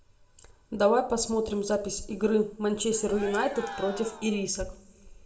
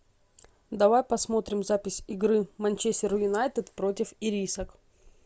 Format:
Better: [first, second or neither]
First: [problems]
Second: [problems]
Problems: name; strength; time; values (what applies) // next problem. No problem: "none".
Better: second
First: background sound (Cheering); 13 dB below the speech // room echo; dies away in 0.5 s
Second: none